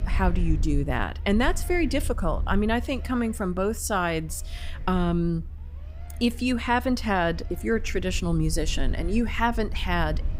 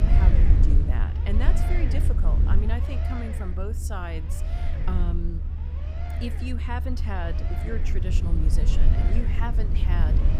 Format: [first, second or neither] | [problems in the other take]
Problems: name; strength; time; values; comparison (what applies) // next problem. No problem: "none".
first | low rumble; loud; throughout; 2 dB below the speech; faint in the first